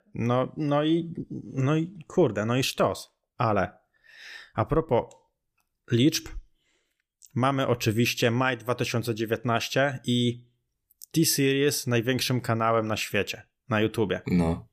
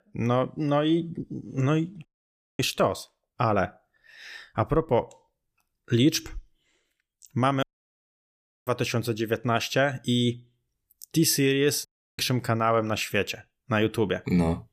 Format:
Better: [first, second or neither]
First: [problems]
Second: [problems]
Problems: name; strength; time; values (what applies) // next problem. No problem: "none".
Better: first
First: none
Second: audio cutting out; at 2 s for 0.5 s, at 7.5 s for 1 s and at 12 s